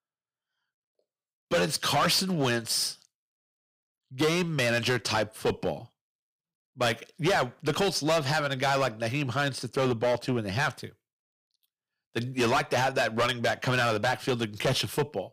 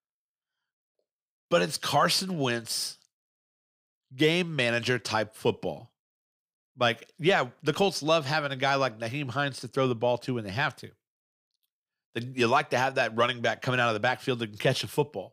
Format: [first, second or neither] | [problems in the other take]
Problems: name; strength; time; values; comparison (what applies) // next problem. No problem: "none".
second | distortion; heavy; 8% of the sound clipped